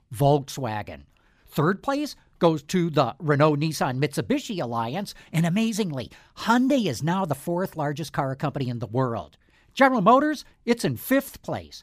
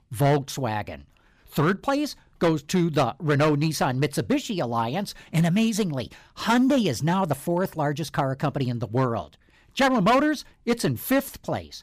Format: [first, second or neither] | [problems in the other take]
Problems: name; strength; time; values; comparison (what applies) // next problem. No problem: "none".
first | distortion; slight; 5% of the sound clipped